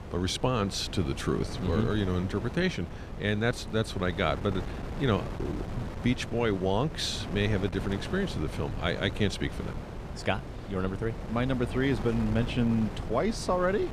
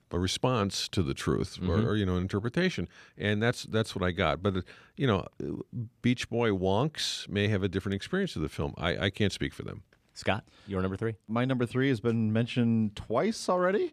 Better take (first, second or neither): second